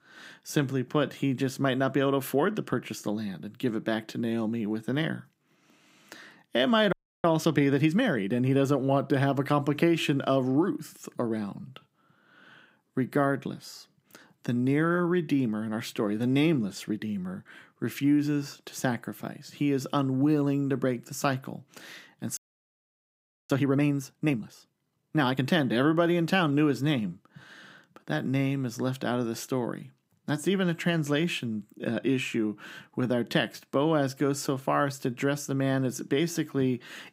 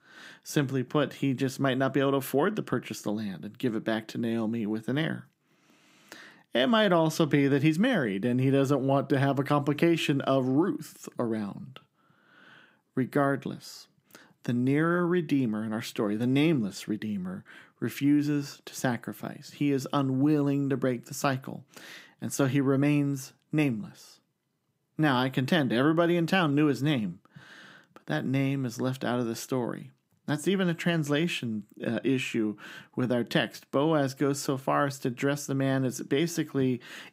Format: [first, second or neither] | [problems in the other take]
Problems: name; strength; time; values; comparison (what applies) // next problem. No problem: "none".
second | audio freezing; at 7 s and at 22 s for 1 s